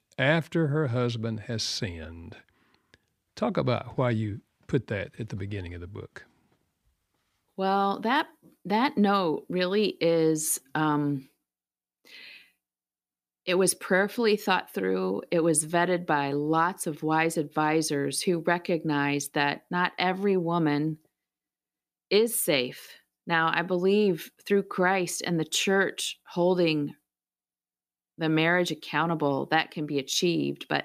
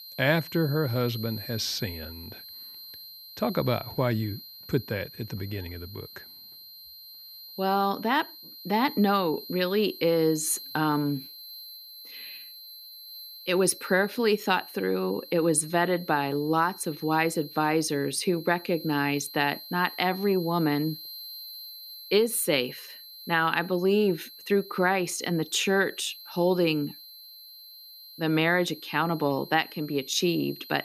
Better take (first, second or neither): first